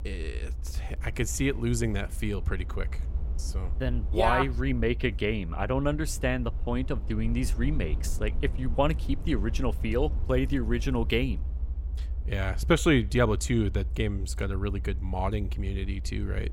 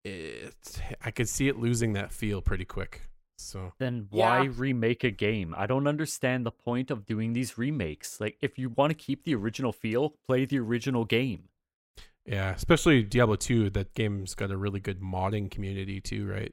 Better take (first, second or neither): second